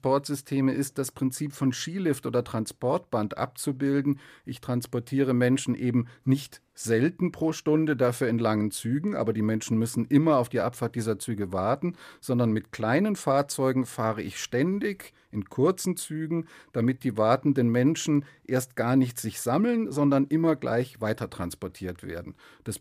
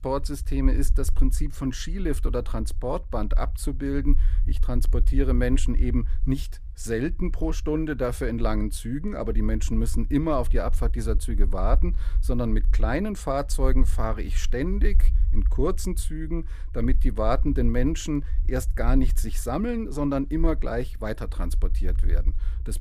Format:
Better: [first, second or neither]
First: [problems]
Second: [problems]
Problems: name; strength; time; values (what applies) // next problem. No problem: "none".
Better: first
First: none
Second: low rumble; faint; throughout; 20 dB below the speech